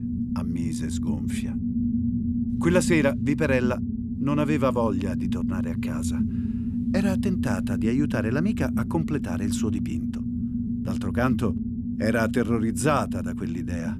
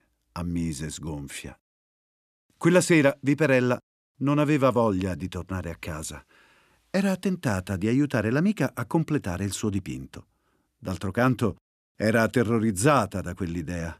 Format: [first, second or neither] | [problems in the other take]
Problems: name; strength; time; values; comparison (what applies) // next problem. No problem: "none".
second | low rumble; loud; throughout; 6 dB below the speech